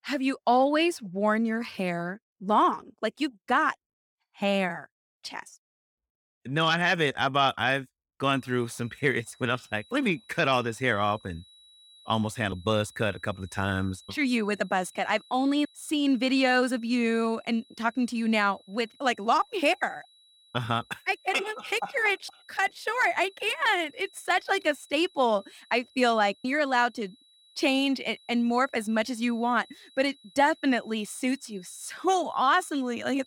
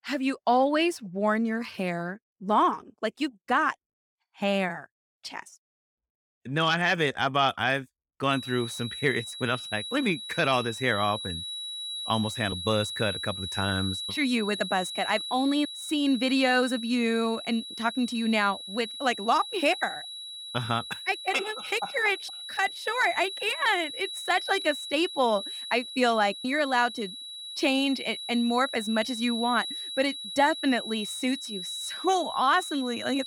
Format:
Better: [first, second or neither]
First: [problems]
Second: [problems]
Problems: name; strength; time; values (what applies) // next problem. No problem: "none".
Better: first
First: high-pitched whine; faint; from 8.5 s on; 4 kHz, 30 dB below the speech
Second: high-pitched whine; loud; from 8.5 s on; 4 kHz, 8 dB below the speech